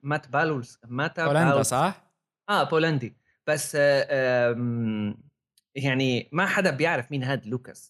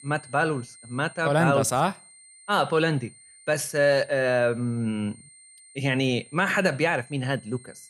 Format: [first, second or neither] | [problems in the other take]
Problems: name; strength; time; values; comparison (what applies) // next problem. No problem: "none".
first | high-pitched whine; faint; throughout; 8.5 kHz, 25 dB below the speech